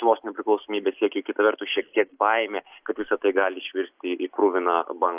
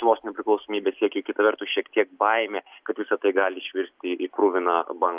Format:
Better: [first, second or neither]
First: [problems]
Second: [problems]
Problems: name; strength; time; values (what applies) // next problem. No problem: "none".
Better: second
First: noise reduction (neural mask model Resemble Enhance denoiser)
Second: none